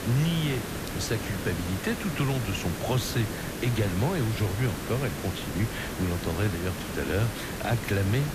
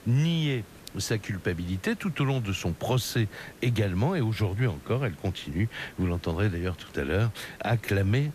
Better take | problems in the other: second | hiss; loud; throughout; 5 dB below the speech; faint in the second

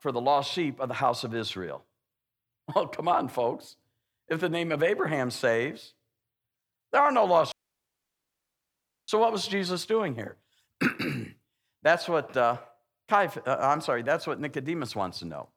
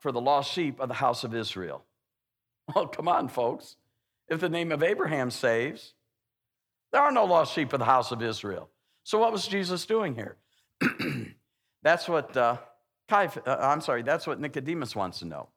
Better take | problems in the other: second | audio cutting out; at 7.5 s for 1.5 s

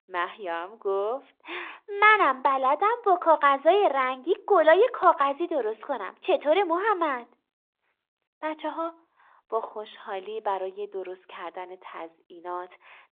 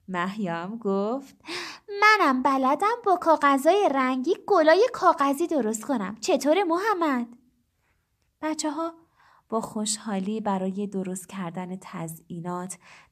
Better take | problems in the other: second | phone-call audio

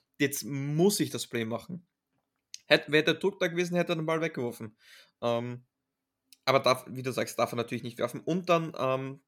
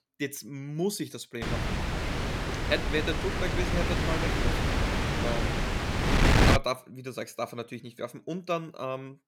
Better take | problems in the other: first | wind noise on the microphone; heavy; from 1.5 to 6.5 s; 4 dB above the speech

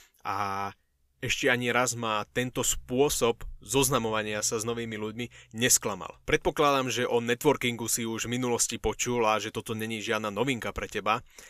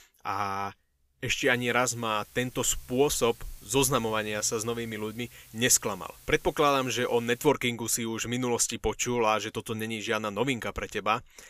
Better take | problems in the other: first | hiss; faint; from 1.5 to 7.5 s; 25 dB below the speech

